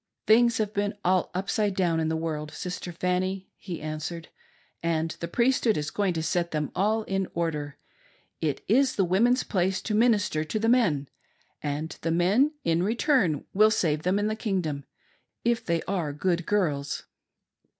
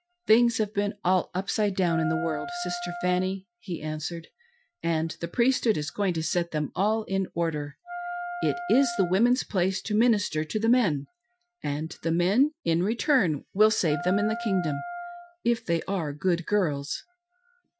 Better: first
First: none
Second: noise reduction (classical method Wiener filter)

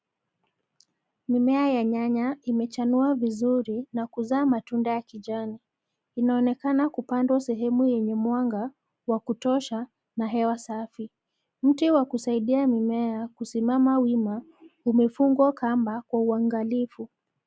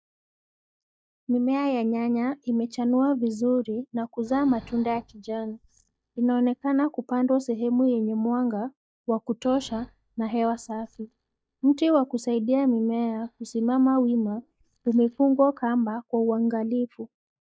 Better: first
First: none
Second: noise reduction (neural mask model DeepFilterNet 3)

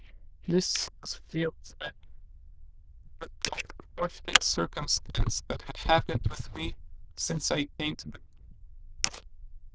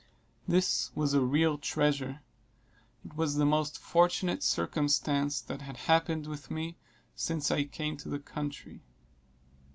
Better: second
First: noise reduction (neural diffusion model UNIVERSE++)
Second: none

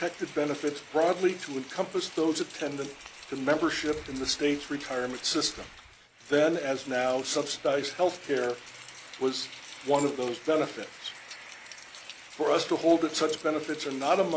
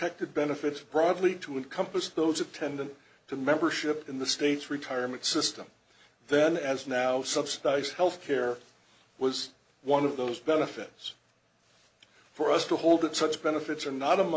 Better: second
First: background sound (Rain + Coin (dropping)); 17 dB below the speech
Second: none

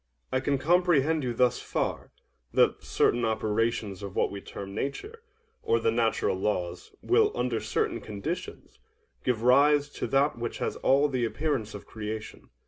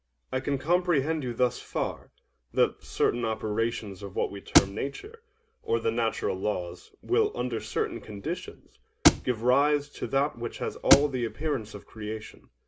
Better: first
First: none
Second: background sound (Thump, thud); 4 dB above the speech

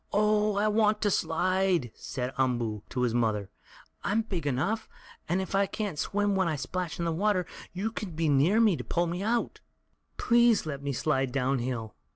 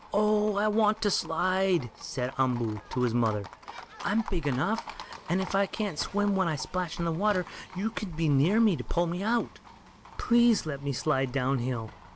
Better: first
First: none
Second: background sound (Livestock, farm animals, working animals); 18 dB below the speech

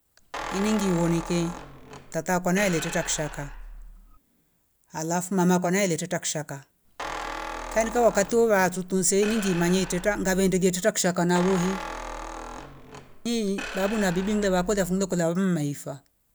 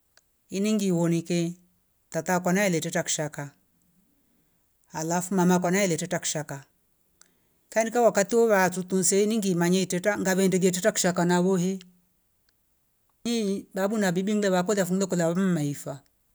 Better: second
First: background sound (Squeak); 11 dB below the speech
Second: none

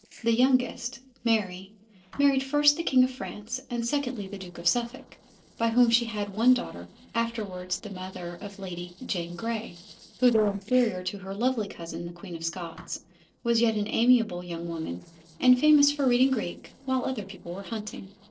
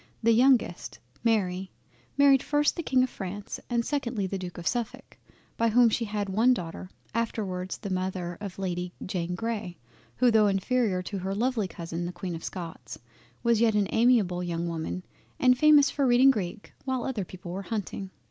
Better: second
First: noise reduction (neural separator model SepFormer DNS4)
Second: none

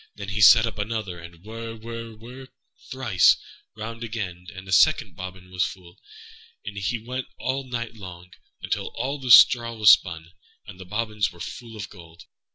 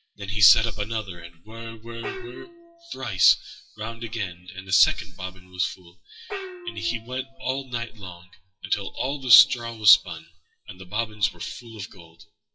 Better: first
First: none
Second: noise reduction (classical method WPE with log-MMSE)

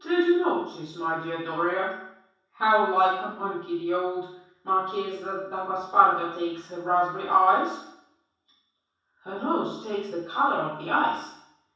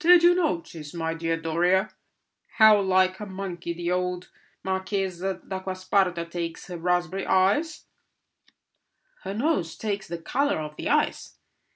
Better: second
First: room echo; dies away in 0.7 s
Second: none

